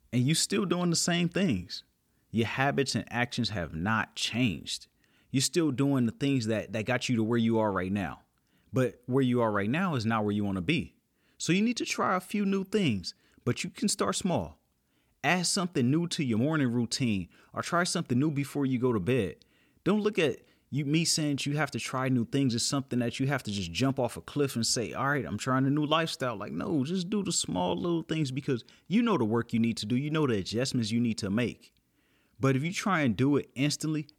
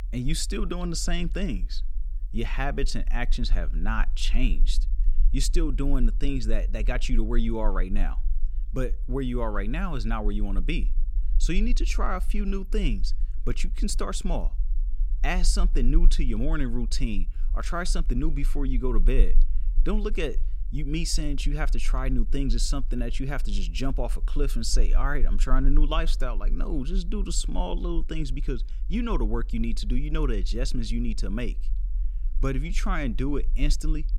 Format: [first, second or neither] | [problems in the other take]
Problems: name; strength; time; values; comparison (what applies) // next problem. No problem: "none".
first | low rumble; faint; throughout; 25 dB below the speech